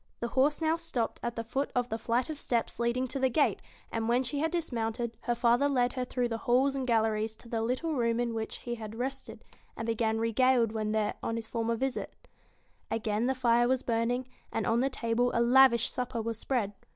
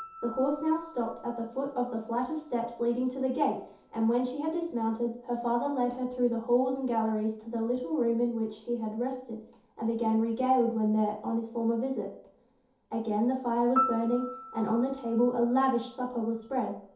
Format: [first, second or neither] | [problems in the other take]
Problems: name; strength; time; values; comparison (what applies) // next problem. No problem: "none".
first | background sound (Piano); 15 dB below the speech // room echo; dies away in 0.5 s